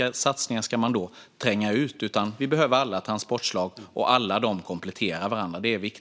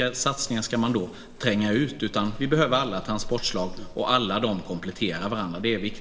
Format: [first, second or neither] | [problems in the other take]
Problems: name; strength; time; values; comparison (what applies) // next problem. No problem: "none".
first | background sound (Livestock, farm animals, working animals); 13 dB below the speech // room echo; dies away in 1.5 s